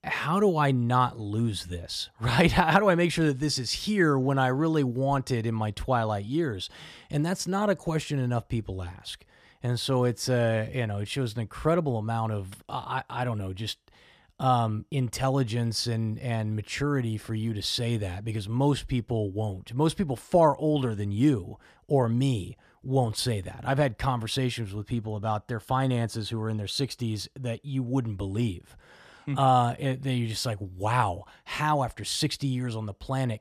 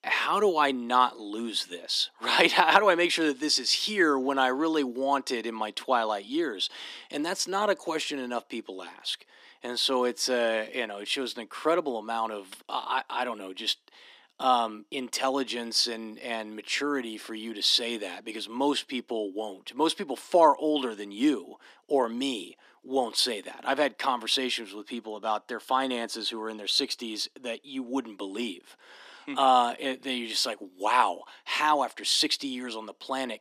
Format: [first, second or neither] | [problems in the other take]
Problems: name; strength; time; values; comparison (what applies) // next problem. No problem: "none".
first | thin; somewhat; fading below 250 Hz